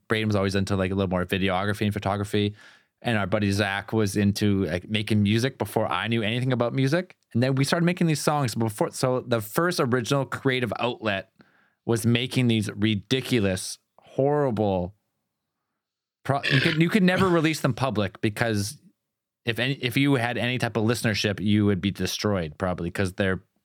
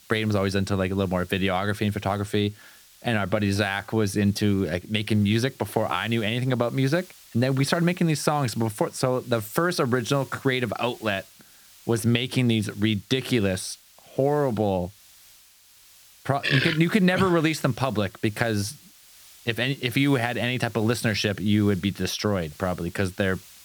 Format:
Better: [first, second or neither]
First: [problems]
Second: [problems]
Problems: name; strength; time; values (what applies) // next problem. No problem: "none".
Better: first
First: none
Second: hiss; faint; throughout; 25 dB below the speech